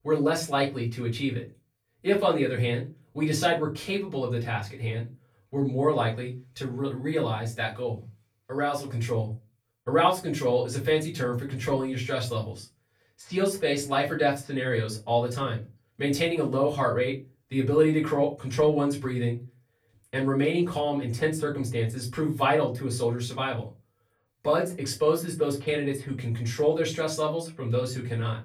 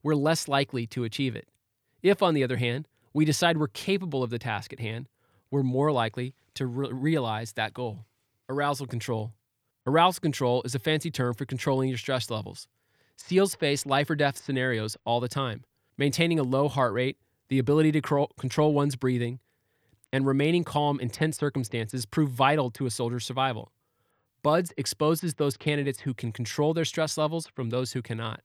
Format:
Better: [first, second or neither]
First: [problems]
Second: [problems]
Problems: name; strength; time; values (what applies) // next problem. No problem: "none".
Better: second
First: off-mic speech; far // room echo; very slight; dies away in 0.2 s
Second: none